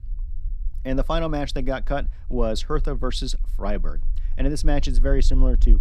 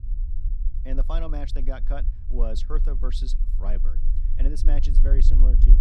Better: first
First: low rumble; faint; throughout; 25 dB below the speech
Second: low rumble; loud; throughout; 9 dB below the speech

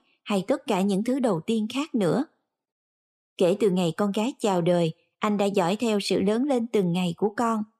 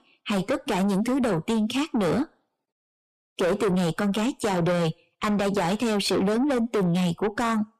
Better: first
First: none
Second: distortion; heavy; 7 dB below the speech

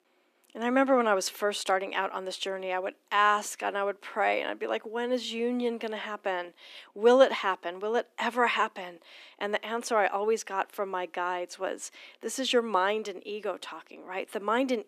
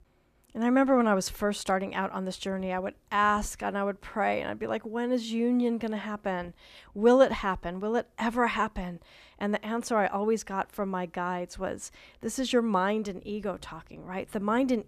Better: second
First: thin; very slightly; fading below 300 Hz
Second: none

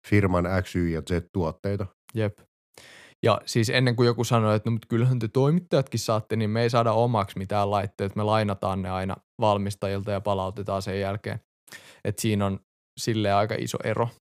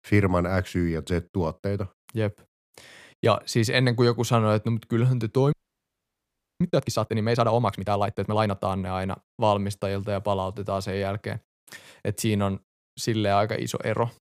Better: first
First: none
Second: audio freezing; at 5.5 s for 1 s

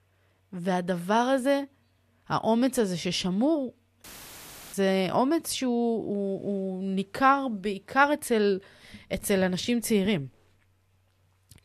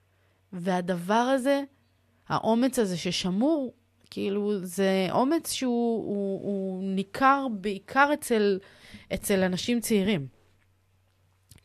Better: second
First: audio cutting out; filled with static; at 4 s for 0.5 s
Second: none

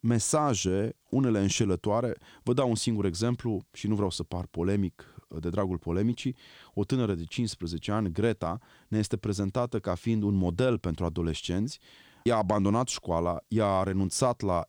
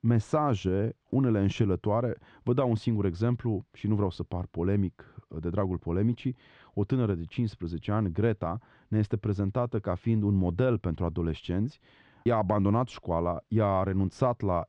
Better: first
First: none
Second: muffled; very; fading above 2 kHz

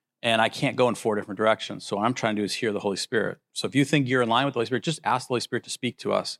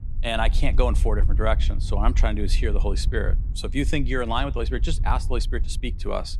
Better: first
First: none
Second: wind noise on the microphone; occasional gusts; 20 dB below the speech

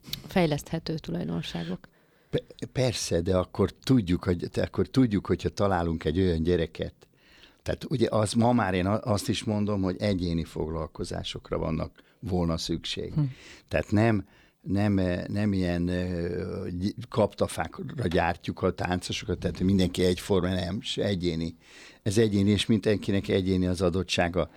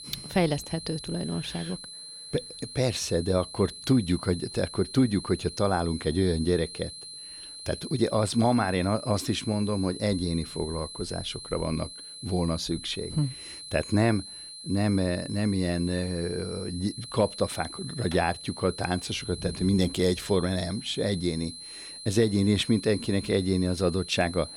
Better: first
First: none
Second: high-pitched whine; noticeable; throughout; 4 kHz, 10 dB below the speech

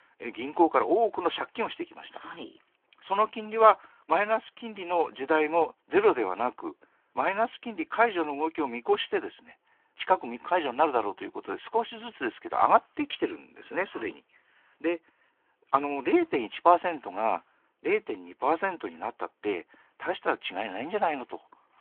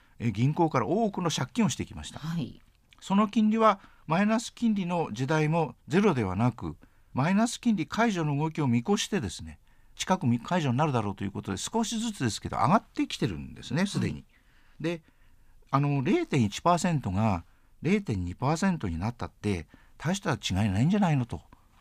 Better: second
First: phone-call audio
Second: none

